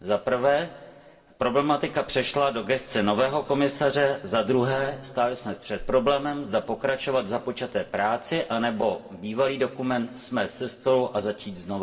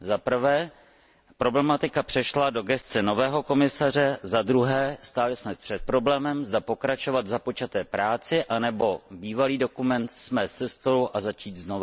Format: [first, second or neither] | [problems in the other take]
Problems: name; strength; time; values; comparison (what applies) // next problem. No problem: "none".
second | room echo; dies away in 1.3 s